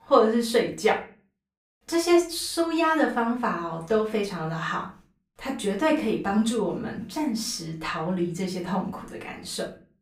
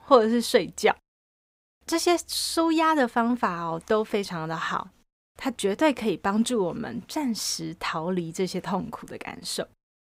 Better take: second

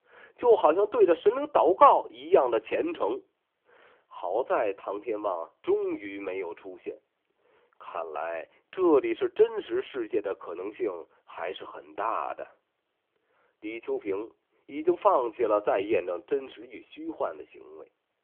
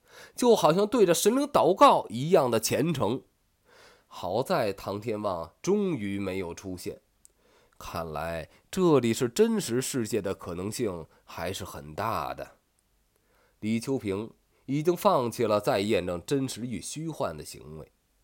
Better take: second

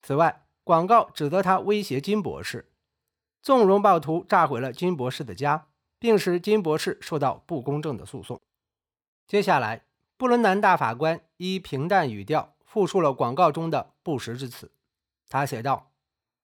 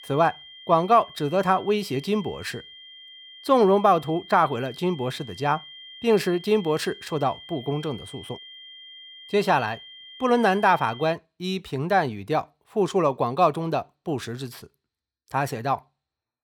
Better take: first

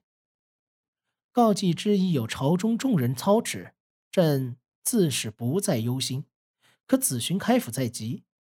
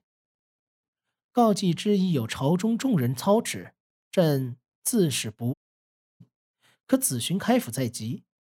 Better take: first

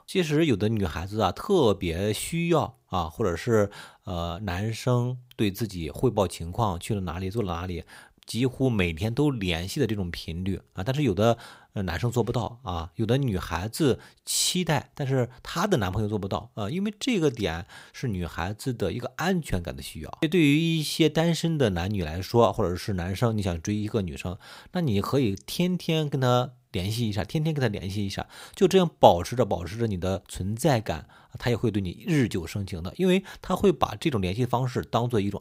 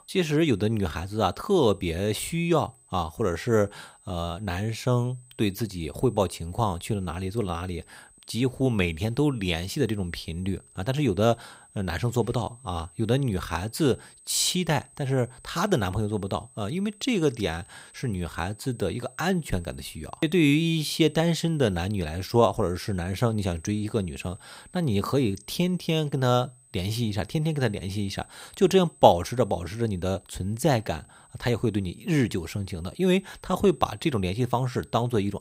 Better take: first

